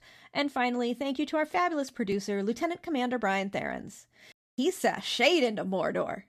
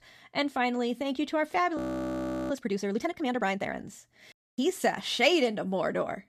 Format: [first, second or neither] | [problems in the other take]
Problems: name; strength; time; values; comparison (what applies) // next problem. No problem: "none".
first | audio freezing; at 2 s for 0.5 s